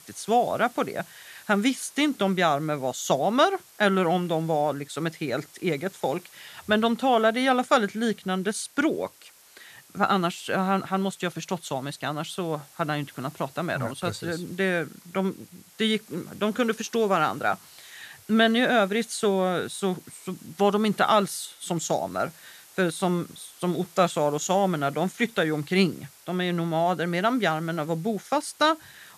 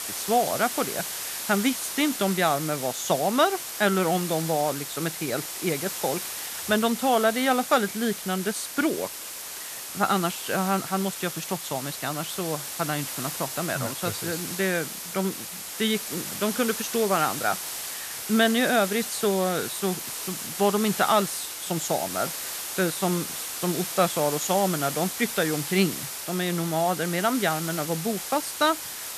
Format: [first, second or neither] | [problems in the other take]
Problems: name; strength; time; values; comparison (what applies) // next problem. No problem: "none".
first | hiss; loud; throughout; 5 dB below the speech; faint in the first